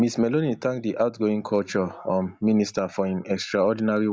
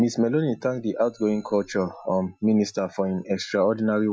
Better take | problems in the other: first | noise reduction (classical method Wiener filter)

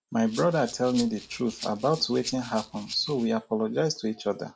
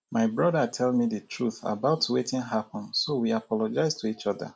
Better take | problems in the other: second | background sound (Rattle (instrument)); 16 dB below the speech

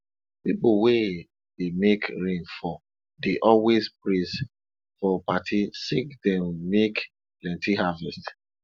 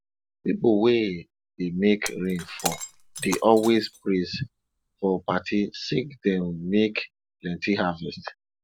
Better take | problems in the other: first | background sound (Shatter); 14 dB below the speech

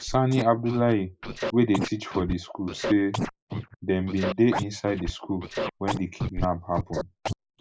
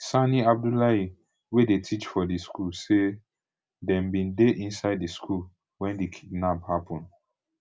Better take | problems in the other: second | noise reduction (neural mask model Resemble Enhance denoiser)

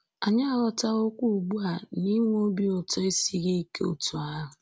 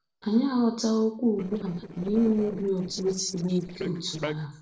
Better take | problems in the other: first | noise reduction (neural separator model SepFormer DNS4)

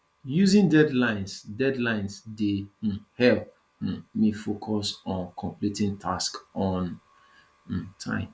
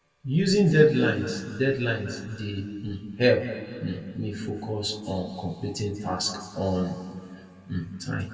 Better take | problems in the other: first | room echo; dies away in 2.3 s

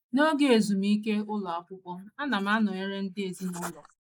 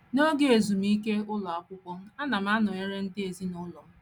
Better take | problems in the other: second | noise reduction (neural mask model Resemble Enhance denoiser)

